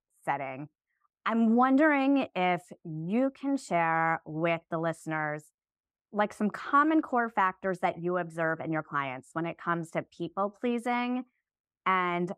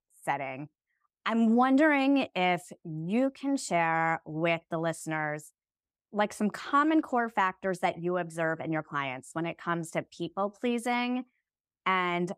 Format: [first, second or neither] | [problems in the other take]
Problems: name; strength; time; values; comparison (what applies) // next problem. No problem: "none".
second | muffled; slightly; fading above 3 kHz